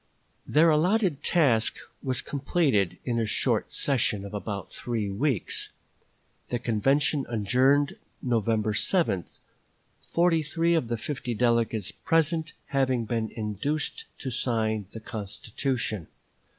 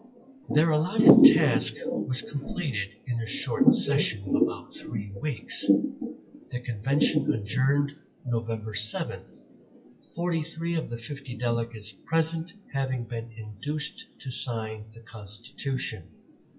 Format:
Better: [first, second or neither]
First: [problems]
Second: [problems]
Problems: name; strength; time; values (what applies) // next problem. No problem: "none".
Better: first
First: none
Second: noise reduction (classical method WPE with log-MMSE)